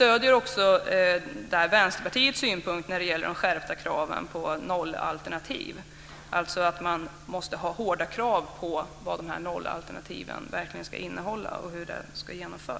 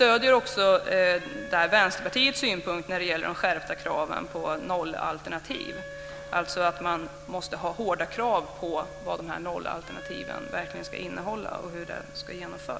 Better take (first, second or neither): first